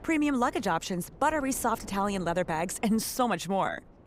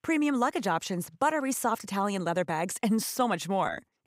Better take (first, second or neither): second